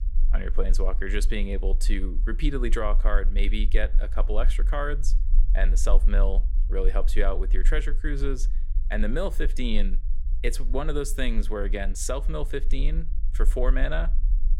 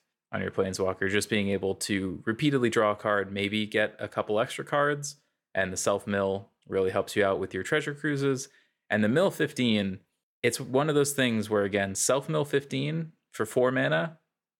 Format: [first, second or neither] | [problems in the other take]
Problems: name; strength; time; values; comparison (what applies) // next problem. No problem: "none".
second | low rumble; faint; throughout; 20 dB below the speech